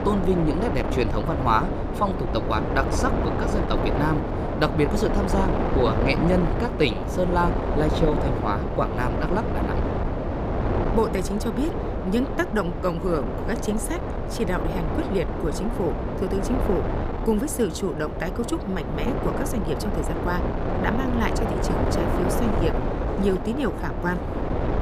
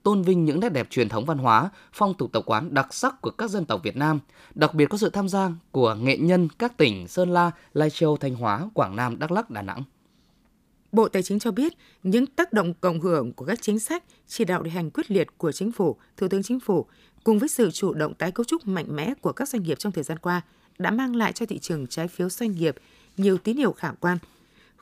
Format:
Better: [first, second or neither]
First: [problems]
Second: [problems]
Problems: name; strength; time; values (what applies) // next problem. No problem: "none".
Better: second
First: wind noise on the microphone; heavy; 2 dB below the speech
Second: none